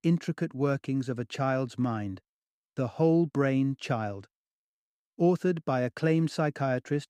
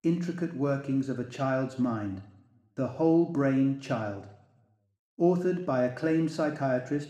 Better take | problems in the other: first | room echo; slight; dies away in 0.7 s // off-mic speech; somewhat distant

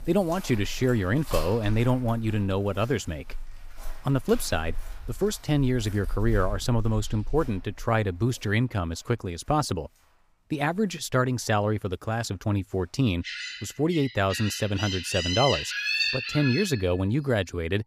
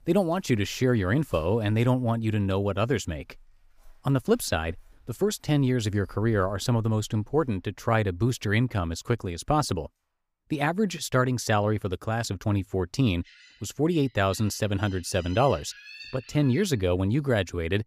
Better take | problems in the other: second | animal sounds; loud; throughout; 6 dB below the speech; faint in the second

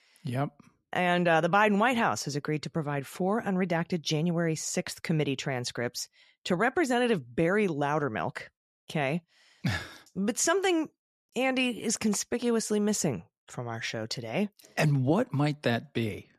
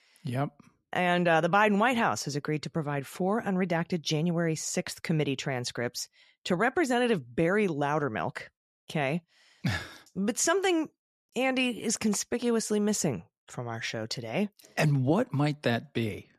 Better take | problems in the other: neither | none

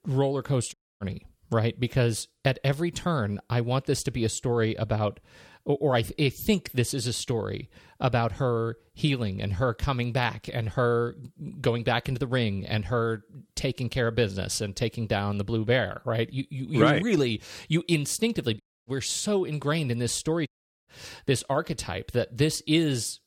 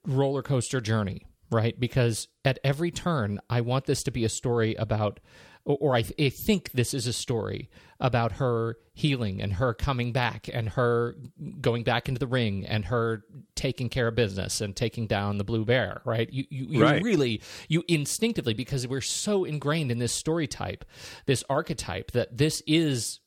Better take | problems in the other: second | audio cutting out; at 0.5 s, at 19 s and at 20 s

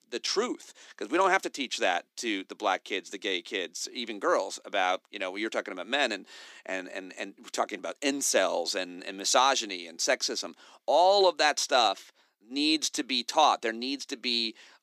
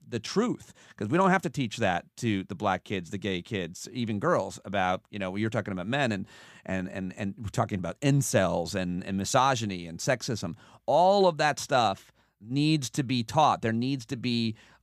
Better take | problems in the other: second | thin; somewhat; fading below 300 Hz

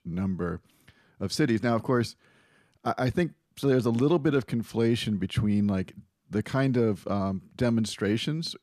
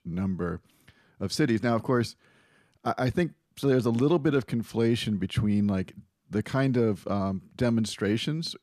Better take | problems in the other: neither | none

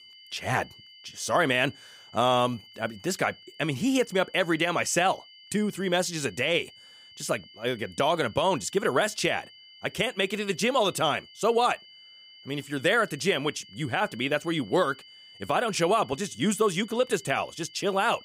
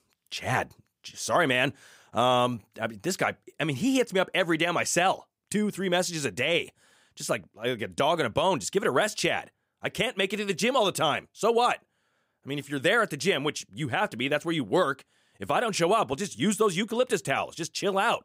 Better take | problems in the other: second | high-pitched whine; faint; throughout; 3 kHz, 20 dB below the speech

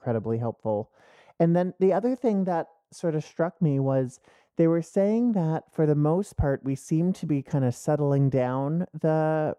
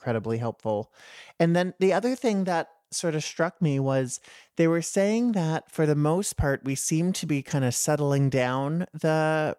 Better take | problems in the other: second | muffled; very; fading above 1.5 kHz

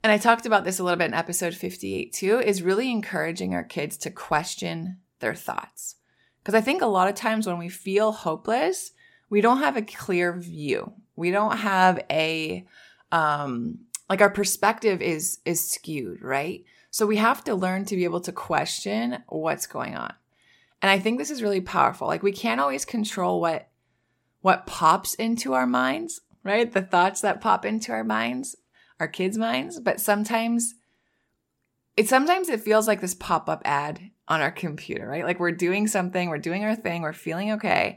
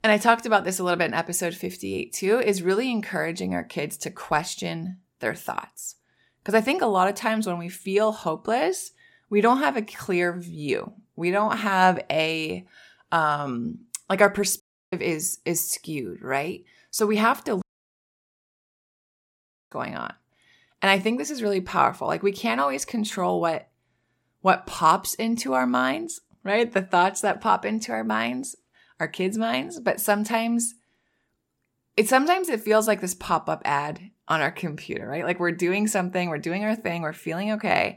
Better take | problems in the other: first | audio cutting out; at 15 s and at 18 s for 2 s

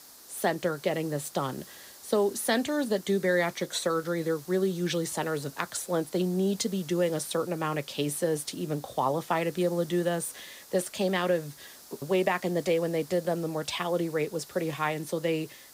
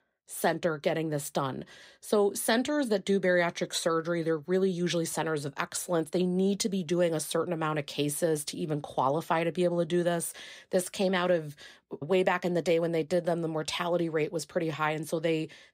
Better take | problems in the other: second | hiss; noticeable; throughout; 20 dB below the speech

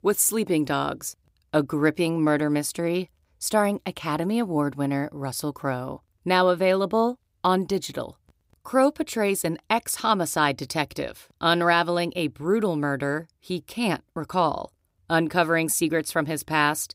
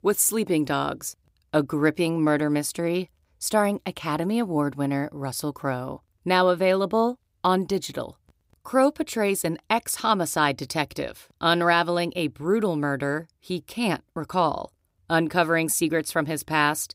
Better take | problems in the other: neither | none

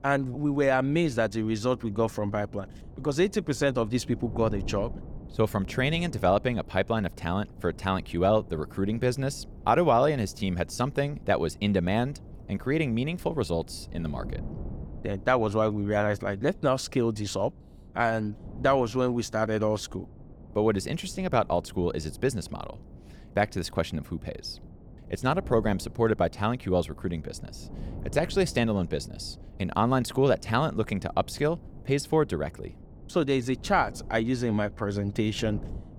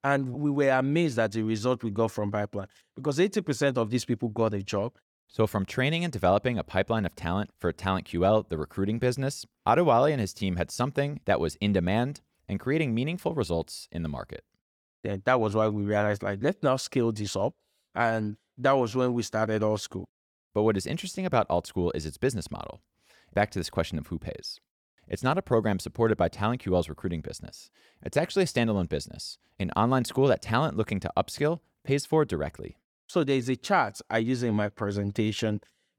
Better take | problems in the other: second | wind noise on the microphone; occasional gusts; 25 dB below the speech

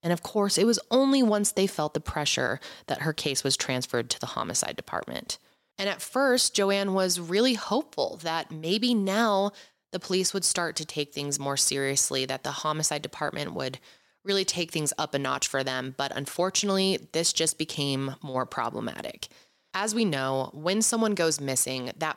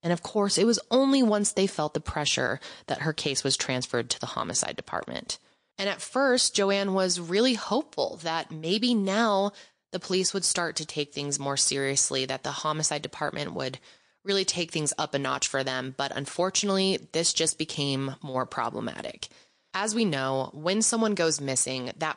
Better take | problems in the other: first | garbled, watery; slightly

